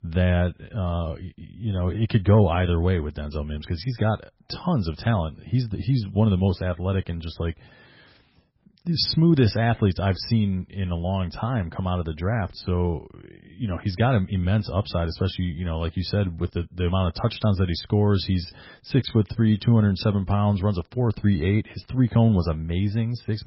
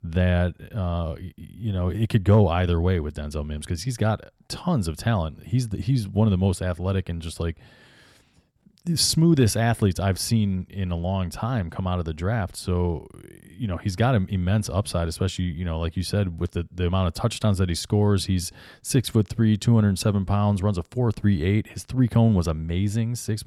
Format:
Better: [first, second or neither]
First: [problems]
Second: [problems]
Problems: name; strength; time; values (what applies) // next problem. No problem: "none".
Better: second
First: garbled, watery; badly; nothing above 5.5 kHz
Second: none